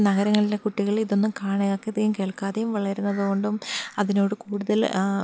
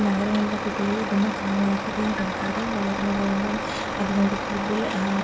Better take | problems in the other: first | background sound (Truck); 3 dB below the speech // room echo; dies away in 0.2 s

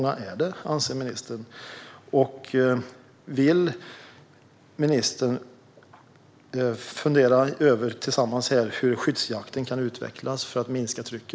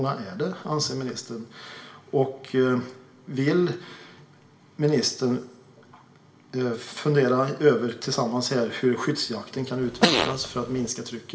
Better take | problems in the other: first | background sound (Fart); 1 dB above the speech // room echo; dies away in 0.5 s

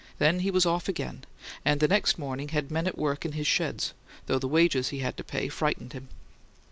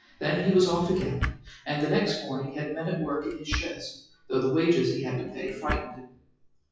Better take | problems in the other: first | noise reduction (classical method WPE with log-MMSE)

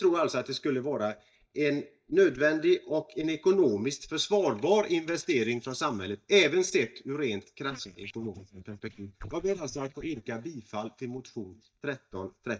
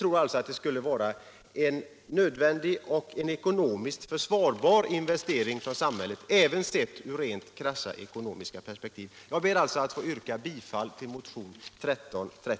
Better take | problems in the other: second | noise reduction (neural mask model DeepFilterNet 3)

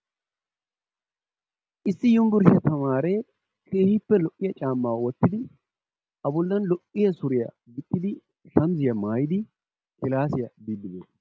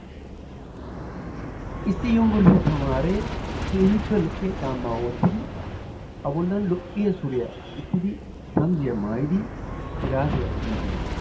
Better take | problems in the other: first | background sound (Aircraft); 6 dB below the speech // room echo; dies away in 0.3 s

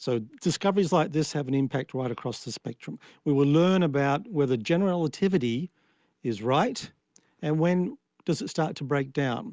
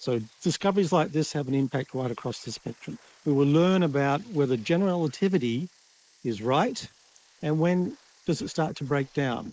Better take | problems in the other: first | noise reduction (neural mask model Resemble Enhance denoiser)

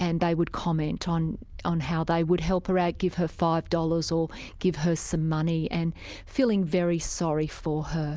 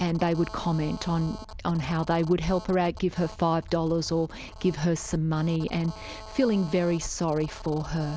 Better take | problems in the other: first | background sound (Telephone); 19 dB below the speech

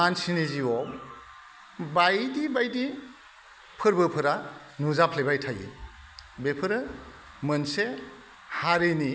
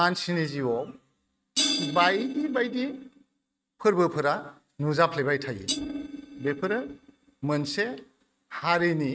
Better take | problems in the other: first | noise reduction (neural mask model RNNoise)

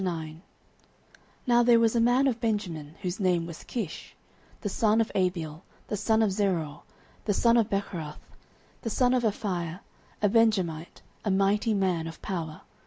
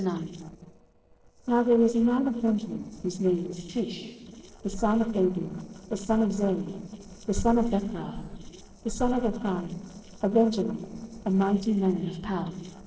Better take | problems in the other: first | noise reduction (neural separator model SepFormer DNS4)

